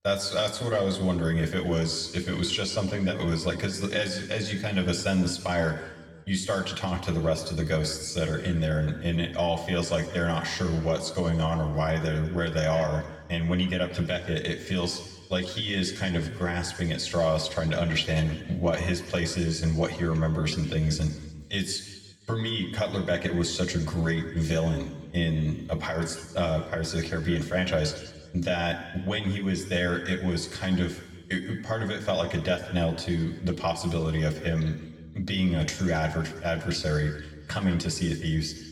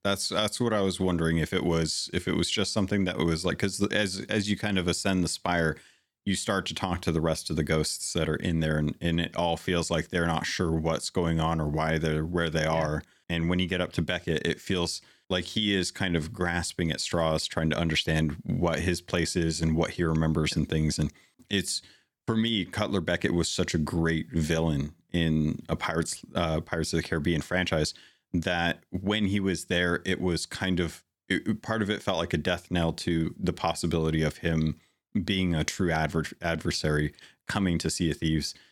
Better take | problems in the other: second | room echo; slight; dies away in 1.2 s // off-mic speech; somewhat distant

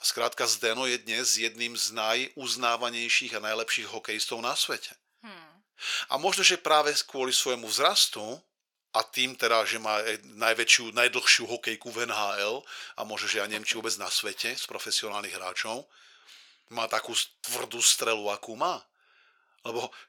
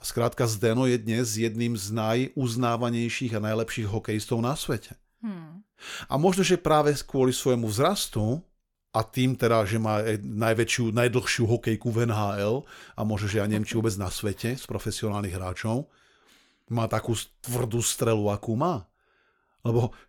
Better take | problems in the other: second | thin; very; fading below 600 Hz

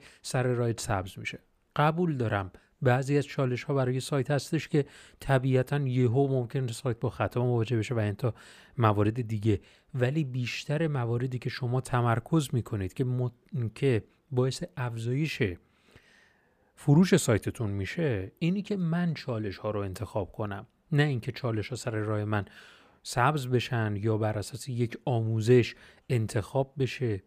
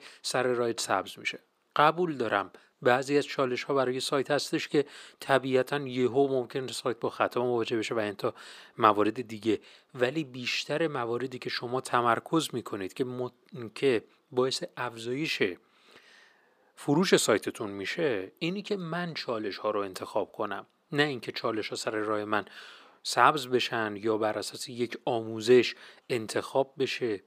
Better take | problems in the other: first | thin; somewhat; fading below 350 Hz

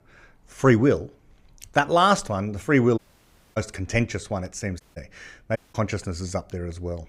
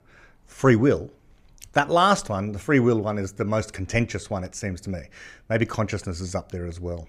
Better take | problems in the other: second | audio cutting out; at 3 s for 0.5 s, at 5 s and at 5.5 s

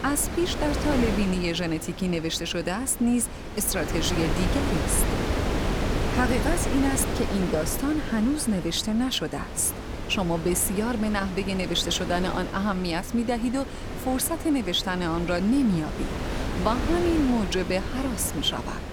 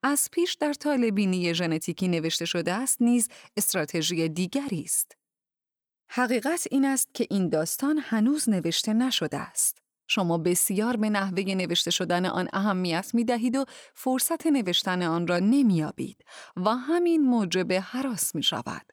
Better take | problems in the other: second | wind noise on the microphone; heavy; 5 dB below the speech

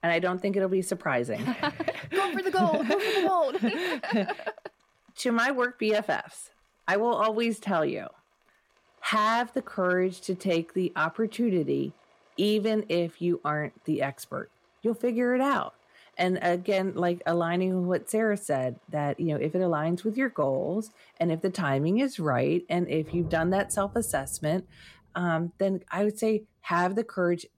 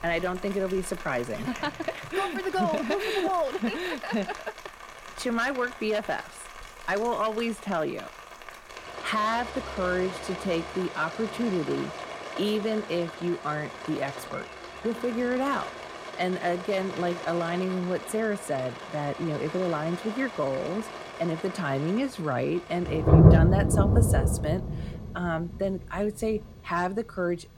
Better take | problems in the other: first | rain or running water; loud; throughout; 1 dB below the speech; faint in the first

